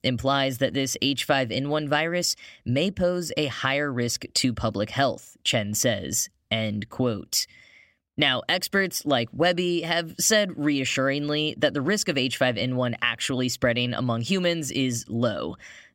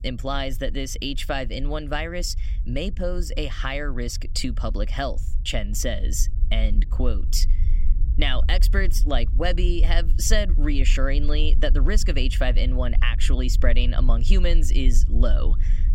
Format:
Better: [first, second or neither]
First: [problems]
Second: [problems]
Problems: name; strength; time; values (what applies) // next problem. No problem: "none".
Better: first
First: none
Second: low rumble; noticeable; throughout; 20 dB below the speech